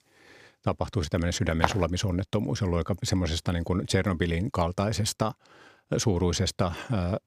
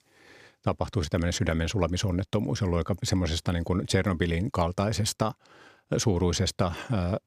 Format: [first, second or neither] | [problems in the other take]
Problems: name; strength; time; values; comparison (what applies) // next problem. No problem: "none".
second | footsteps; noticeable; at 1.5 s; peak 1 dB below the speech